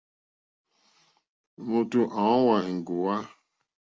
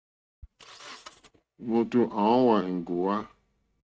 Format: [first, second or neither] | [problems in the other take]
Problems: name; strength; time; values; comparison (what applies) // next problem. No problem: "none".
first | noise reduction (neural mask model RNNoise)